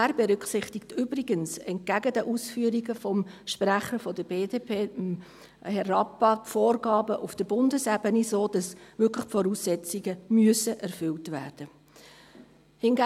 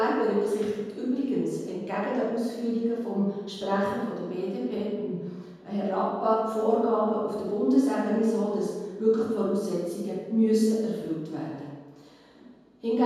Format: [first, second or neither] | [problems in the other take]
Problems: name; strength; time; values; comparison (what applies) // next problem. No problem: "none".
first | room echo; dies away in 1.2 s